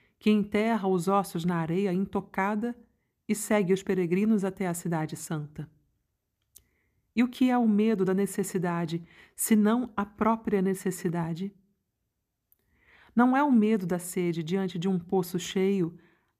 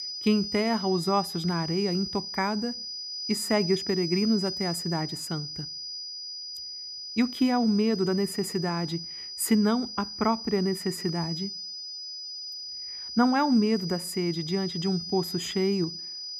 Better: first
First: none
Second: high-pitched whine; loud; throughout; 5 kHz, 7 dB below the speech

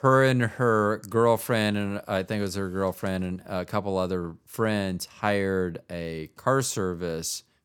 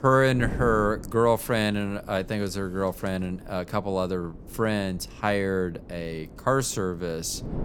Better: first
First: none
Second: wind noise on the microphone; occasional gusts; 20 dB below the speech

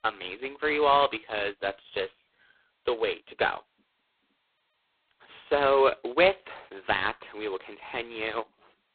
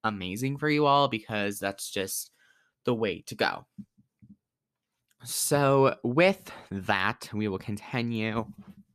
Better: second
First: phone-call audio; poor line; nothing above 4 kHz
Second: none

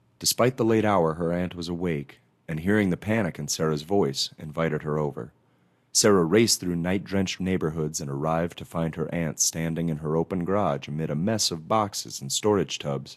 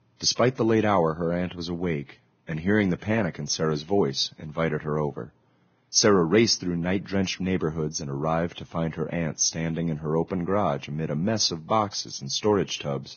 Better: first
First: garbled, watery; slightly; nothing above 12.5 kHz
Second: garbled, watery; badly; nothing above 6.5 kHz

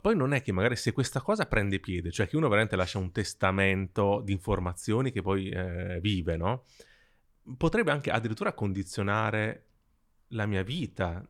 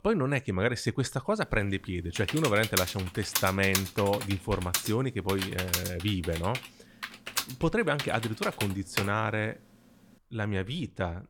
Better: first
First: none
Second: keyboard typing; loud; from 2 to 9 s; peak 1 dB above the speech

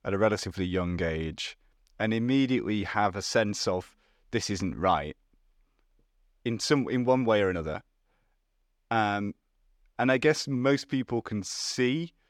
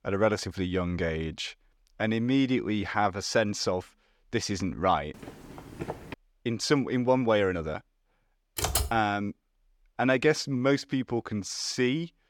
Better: first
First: none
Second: footsteps; faint; from 5 to 6 s; peak 10 dB below the speech // keyboard typing; loud; at 8.5 s; peak level with the speech

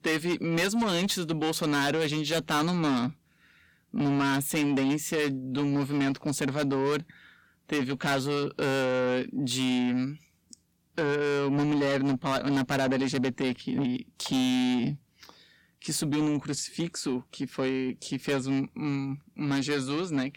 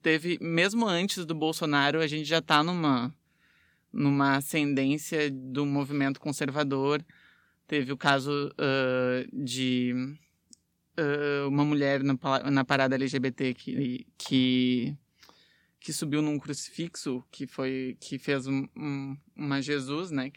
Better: second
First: distortion; heavy; 8 dB below the speech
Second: none

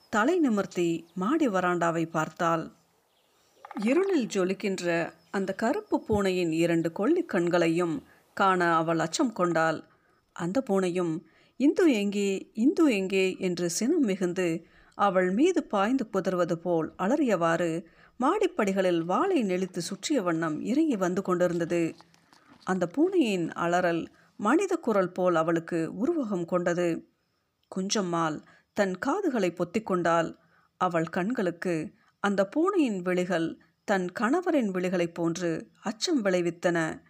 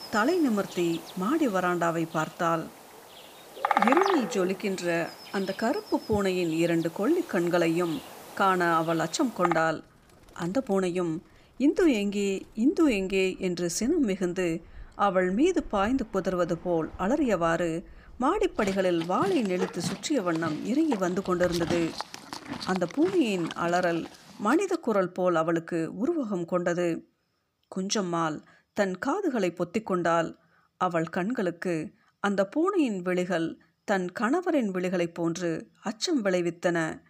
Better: first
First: animal sounds; faint; until 25 s; 30 dB below the speech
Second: animal sounds; loud; until 25 s; 9 dB below the speech

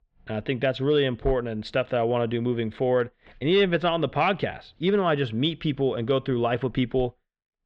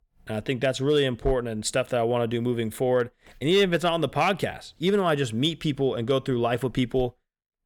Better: second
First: muffled; slightly; fading above 3.5 kHz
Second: none

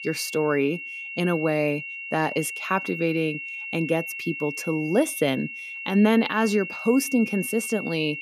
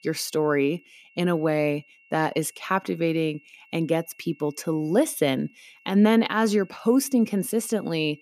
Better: second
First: high-pitched whine; loud; throughout; 2.5 kHz, 8 dB below the speech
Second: high-pitched whine; faint; throughout; 2.5 kHz, 30 dB below the speech

